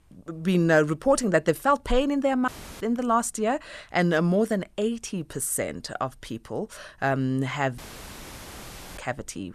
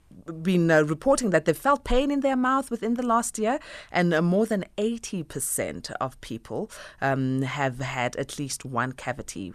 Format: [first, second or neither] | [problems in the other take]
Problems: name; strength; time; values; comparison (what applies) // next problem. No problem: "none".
second | audio cutting out; filled with static; at 2.5 s and at 8 s for 1 s